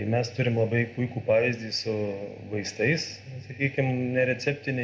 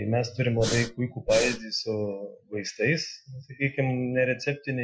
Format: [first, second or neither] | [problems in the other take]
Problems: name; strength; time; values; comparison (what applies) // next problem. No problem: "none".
first | noise reduction (classical method Wiener filter)